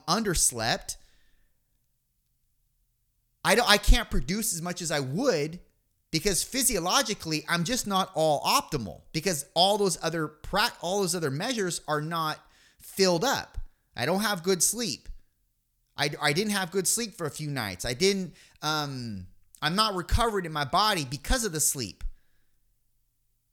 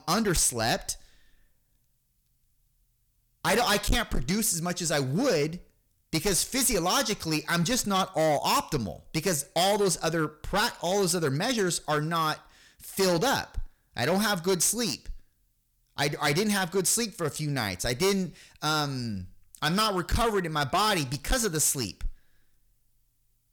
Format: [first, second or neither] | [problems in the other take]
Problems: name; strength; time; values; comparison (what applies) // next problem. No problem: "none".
first | distortion; heavy; 8% of the sound clipped